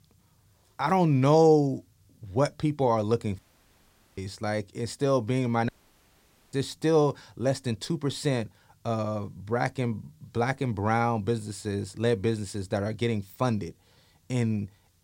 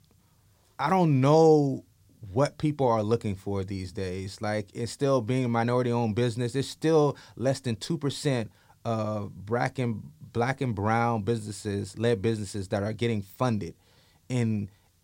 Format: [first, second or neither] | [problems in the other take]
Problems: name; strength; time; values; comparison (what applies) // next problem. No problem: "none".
second | audio cutting out; at 3.5 s for 1 s and at 5.5 s for 1 s